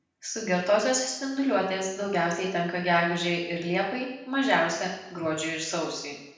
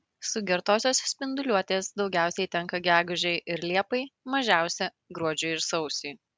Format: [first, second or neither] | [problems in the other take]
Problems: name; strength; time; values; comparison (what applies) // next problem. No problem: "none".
second | room echo; dies away in 0.8 s